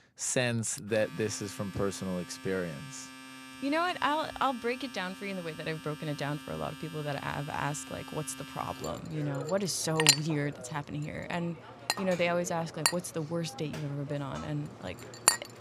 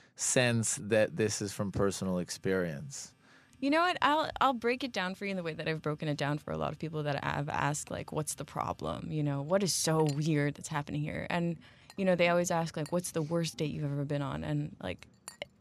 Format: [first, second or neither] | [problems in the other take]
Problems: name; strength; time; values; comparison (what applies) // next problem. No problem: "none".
second | household noises; loud; throughout; 1 dB below the speech; faint in the second